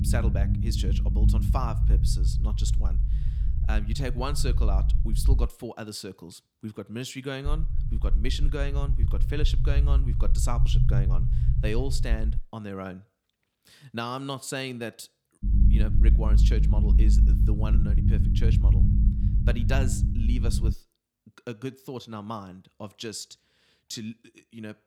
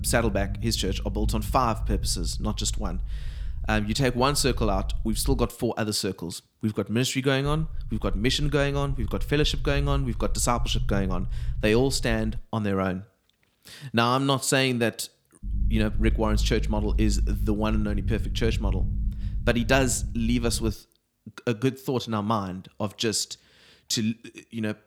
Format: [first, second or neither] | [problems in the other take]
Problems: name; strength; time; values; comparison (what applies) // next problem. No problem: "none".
second | low rumble; loud; until 5.5 s, from 7.5 to 12 s and from 15 to 21 s; 5 dB below the speech; faint in the second